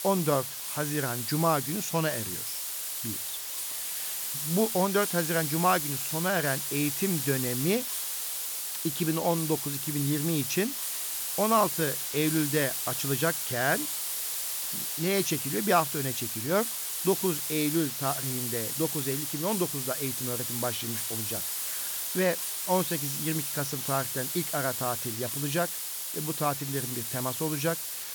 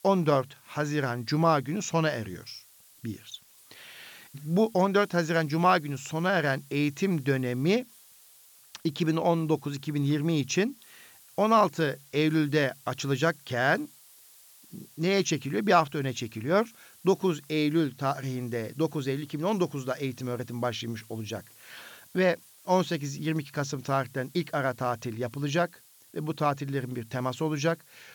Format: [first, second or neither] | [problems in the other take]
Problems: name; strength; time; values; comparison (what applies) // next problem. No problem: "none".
second | hiss; loud; throughout; 1 dB below the speech; faint in the second